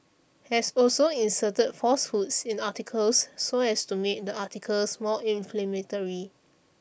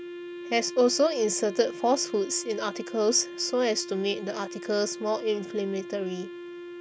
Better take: first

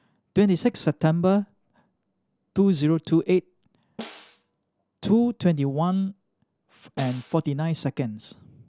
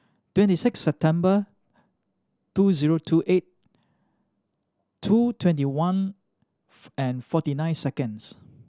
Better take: second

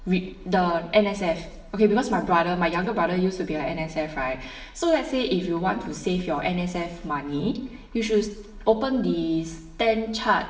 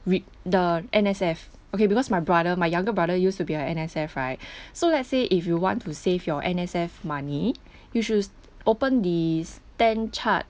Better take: second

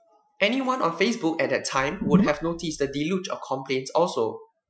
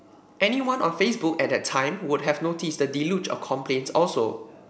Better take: second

